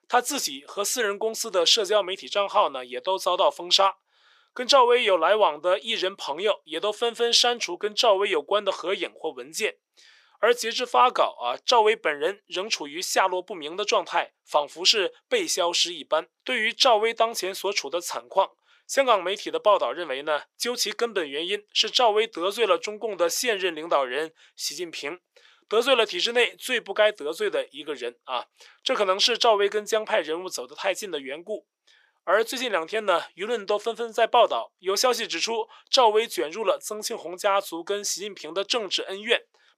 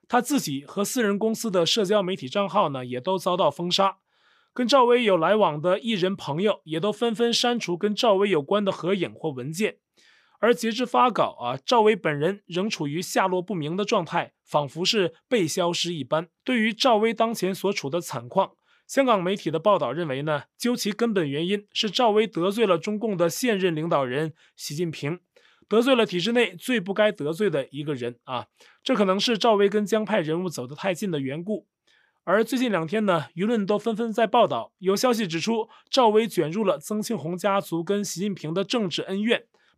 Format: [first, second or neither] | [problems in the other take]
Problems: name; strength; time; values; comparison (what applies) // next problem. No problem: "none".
second | thin; very; fading below 450 Hz